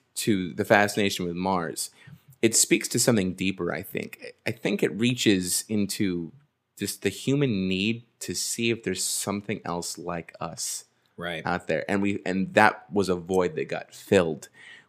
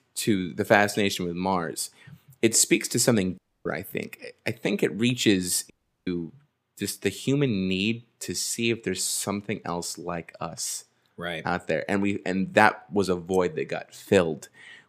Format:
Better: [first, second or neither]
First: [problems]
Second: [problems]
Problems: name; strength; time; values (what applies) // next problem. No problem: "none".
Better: first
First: none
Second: audio cutting out; at 3.5 s and at 5.5 s